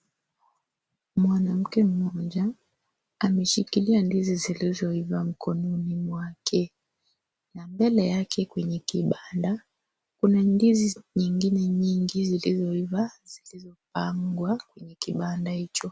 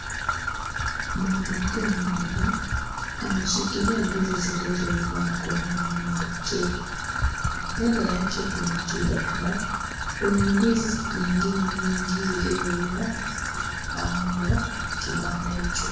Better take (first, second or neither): first